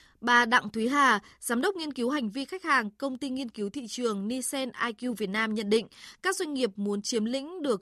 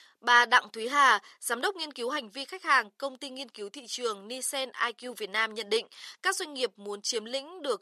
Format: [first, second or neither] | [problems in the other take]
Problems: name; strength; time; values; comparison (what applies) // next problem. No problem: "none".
first | thin; somewhat; fading below 600 Hz